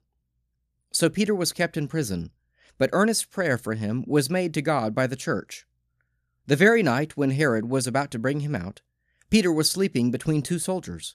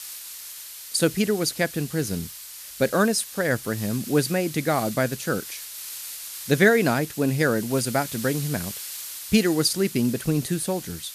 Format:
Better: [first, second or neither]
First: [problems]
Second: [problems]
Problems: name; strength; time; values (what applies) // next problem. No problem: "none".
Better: first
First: none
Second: hiss; noticeable; throughout; 10 dB below the speech